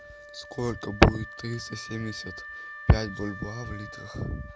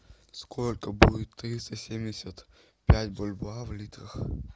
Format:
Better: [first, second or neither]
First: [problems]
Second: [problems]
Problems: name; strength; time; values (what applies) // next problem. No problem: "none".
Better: second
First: background sound (Wind instrument, woodwind instrument); 14 dB below the speech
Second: none